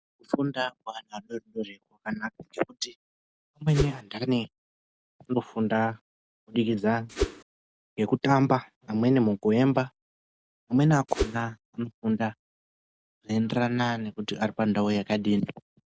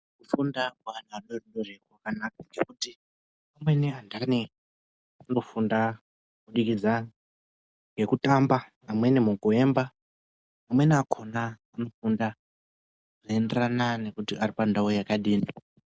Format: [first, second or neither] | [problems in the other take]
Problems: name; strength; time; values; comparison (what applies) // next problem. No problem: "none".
second | background sound (Whoosh, swoosh, swish); 1 dB below the speech